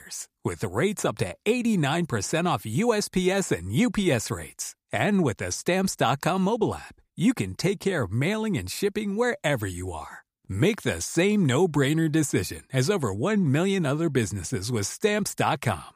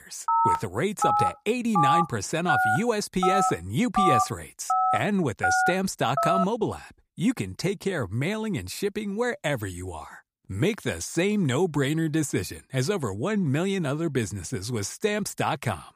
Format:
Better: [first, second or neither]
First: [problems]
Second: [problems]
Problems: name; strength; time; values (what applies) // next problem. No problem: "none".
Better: first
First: none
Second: phone ringing; loud; until 6.5 s; peak 6 dB above the speech